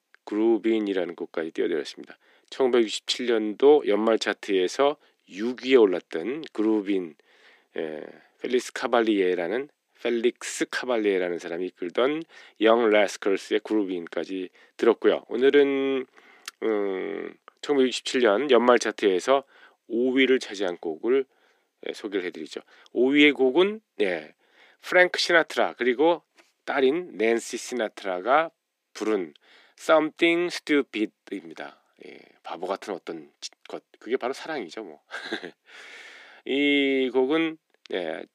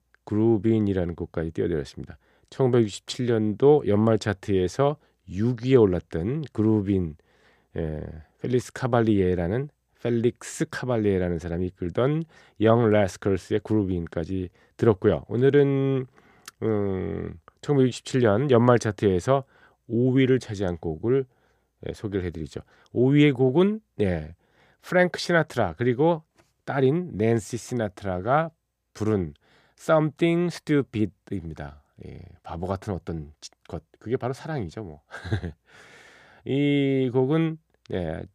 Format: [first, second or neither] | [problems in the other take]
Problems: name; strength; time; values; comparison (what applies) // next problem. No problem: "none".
second | thin; very slightly; fading below 250 Hz